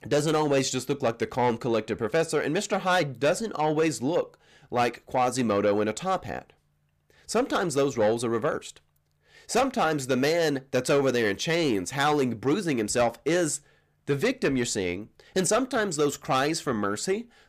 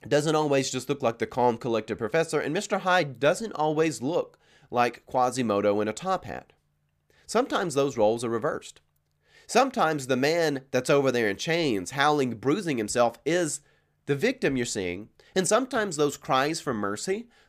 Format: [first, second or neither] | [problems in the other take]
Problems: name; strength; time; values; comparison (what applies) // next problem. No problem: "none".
second | distortion; slight; 10 dB below the speech